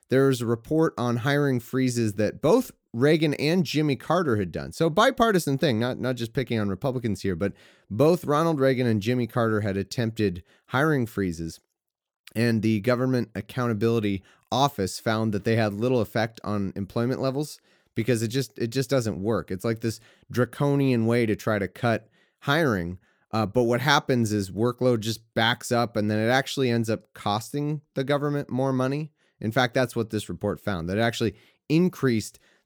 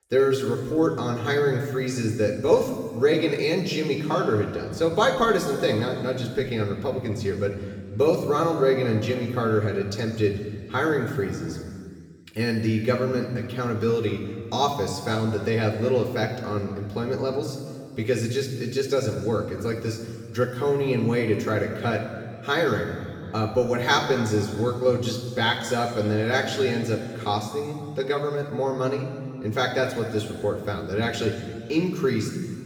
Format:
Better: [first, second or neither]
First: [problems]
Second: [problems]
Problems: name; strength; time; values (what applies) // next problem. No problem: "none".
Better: first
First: none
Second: room echo; noticeable; dies away in 2 s // off-mic speech; far